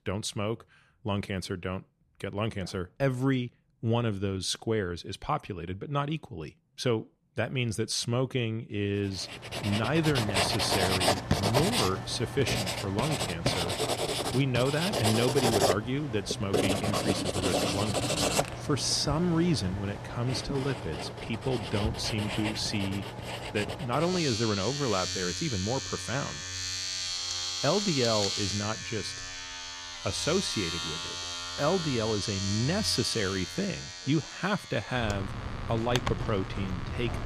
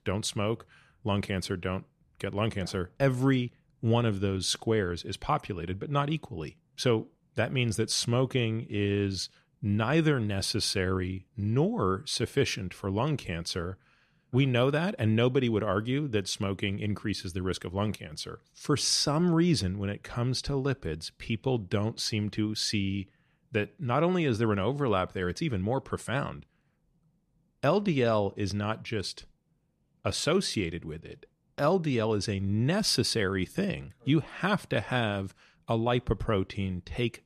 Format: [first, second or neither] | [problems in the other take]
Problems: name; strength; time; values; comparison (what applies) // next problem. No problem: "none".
second | household noises; loud; from 9.5 s on; 1 dB below the speech